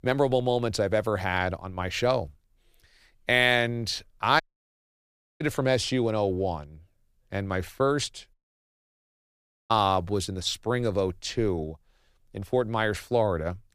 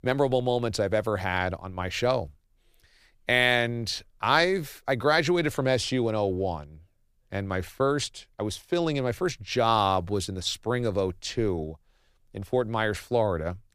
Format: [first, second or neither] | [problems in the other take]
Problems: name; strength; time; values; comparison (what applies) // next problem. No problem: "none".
second | audio cutting out; at 4.5 s for 1 s and at 8.5 s for 1.5 s